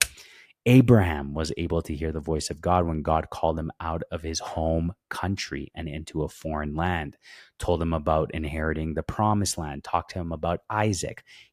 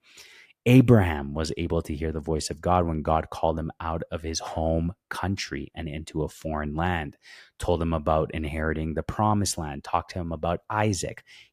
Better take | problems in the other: second | keyboard typing; very faint; at the start; peak 1 dB above the speech

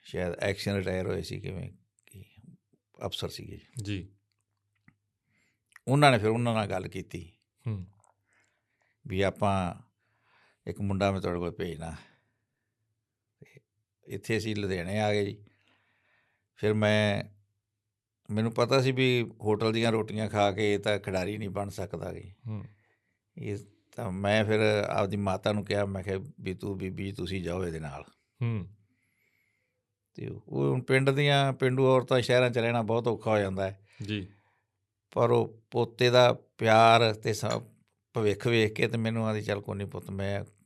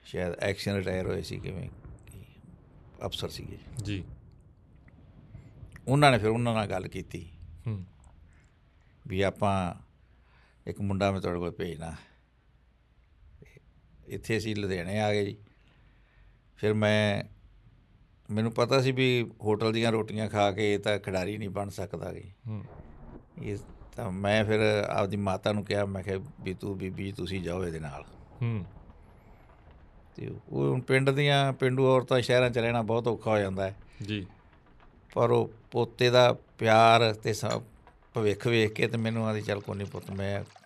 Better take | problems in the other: first | rain or running water; faint; throughout; 25 dB below the speech

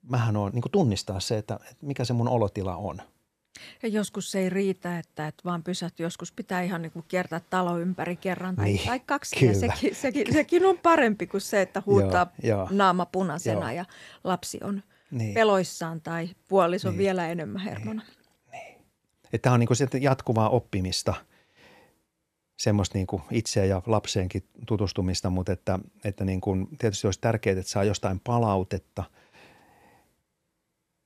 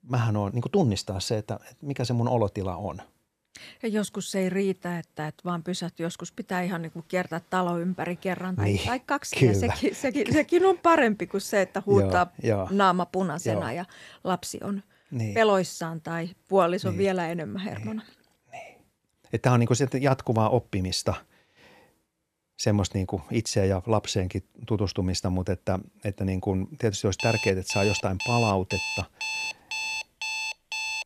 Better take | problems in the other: first | alarm; noticeable; from 27 s on; peak 2 dB below the speech

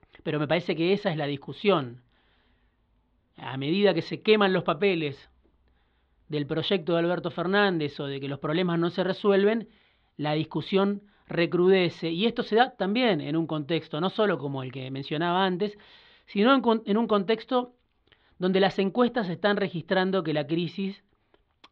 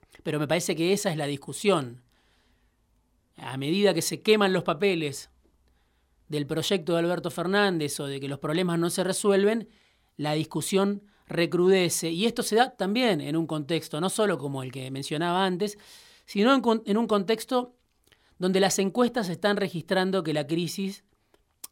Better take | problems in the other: second | muffled; slightly; fading above 3.5 kHz

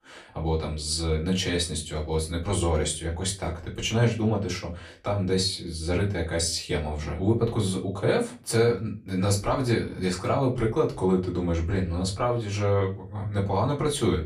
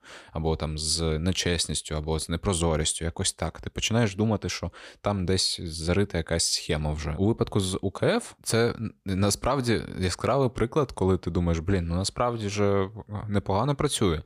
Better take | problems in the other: second | off-mic speech; far // room echo; very slight; dies away in 0.3 s

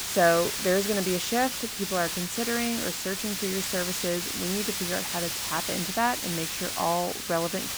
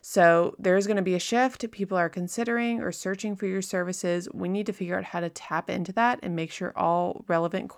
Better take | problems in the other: second | hiss; loud; throughout; 1 dB below the speech

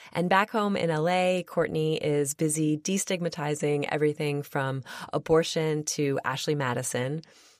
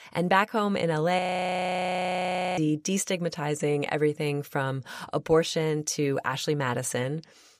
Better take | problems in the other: first | audio freezing; at 1 s for 1.5 s

